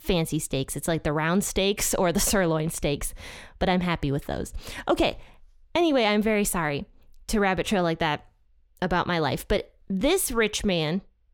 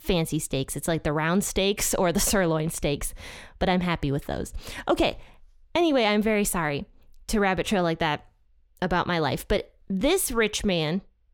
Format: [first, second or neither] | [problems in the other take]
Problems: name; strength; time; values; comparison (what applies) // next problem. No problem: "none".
neither | none